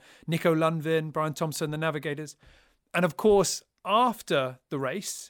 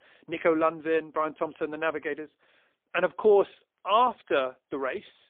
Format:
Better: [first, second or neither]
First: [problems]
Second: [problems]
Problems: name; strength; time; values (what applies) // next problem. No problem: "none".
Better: first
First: none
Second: phone-call audio; poor line; nothing above 3.5 kHz